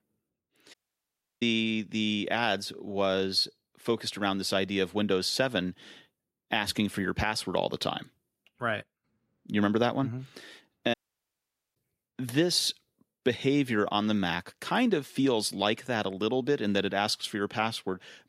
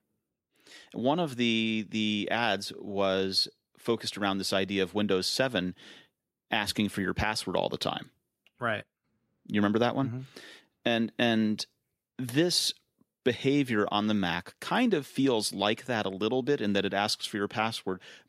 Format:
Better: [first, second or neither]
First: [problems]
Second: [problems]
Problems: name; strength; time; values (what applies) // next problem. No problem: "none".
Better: second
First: audio cutting out; at 0.5 s for 0.5 s and at 11 s for 1 s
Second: none